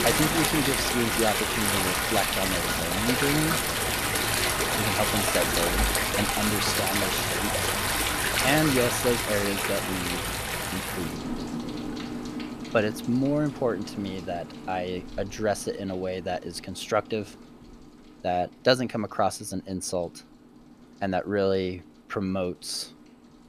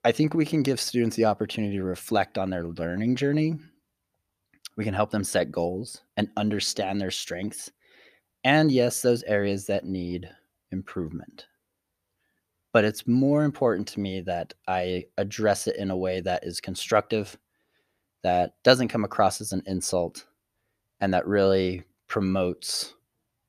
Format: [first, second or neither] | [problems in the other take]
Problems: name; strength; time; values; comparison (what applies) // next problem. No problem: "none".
second | rain or running water; very loud; throughout; 3 dB above the speech